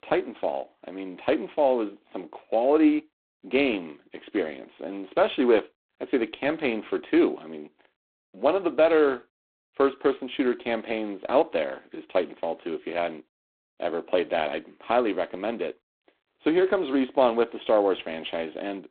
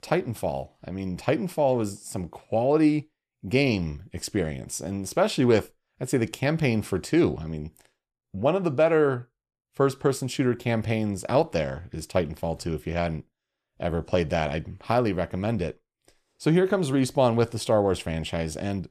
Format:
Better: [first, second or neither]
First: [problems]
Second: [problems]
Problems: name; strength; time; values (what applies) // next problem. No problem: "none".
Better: second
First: phone-call audio; poor line; nothing above 4 kHz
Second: none